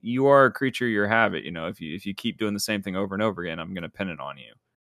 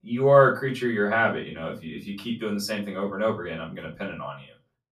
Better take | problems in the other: first | off-mic speech; far // room echo; very slight; dies away in 0.2 s

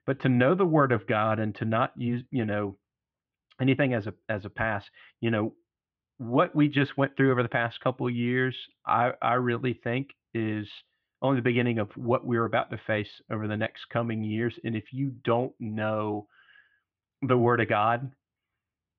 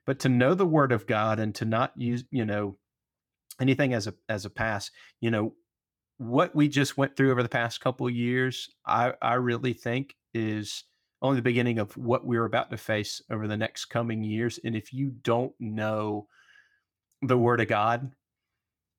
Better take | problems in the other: second | muffled; very; fading above 3 kHz

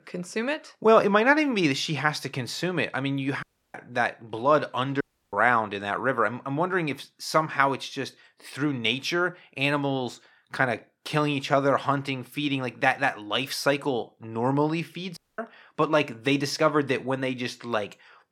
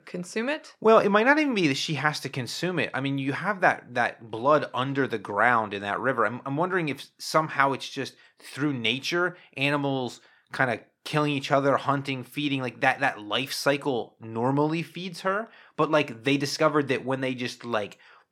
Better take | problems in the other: second | audio cutting out; at 3.5 s, at 5 s and at 15 s

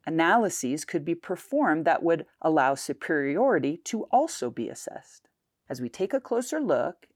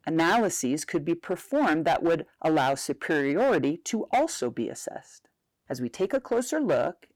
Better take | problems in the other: first | distortion; slight; 7% of the sound clipped

